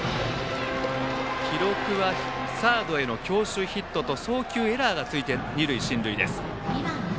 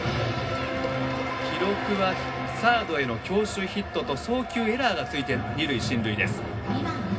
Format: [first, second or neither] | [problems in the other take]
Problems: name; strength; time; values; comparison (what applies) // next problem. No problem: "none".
first | room echo; dies away in 0.4 s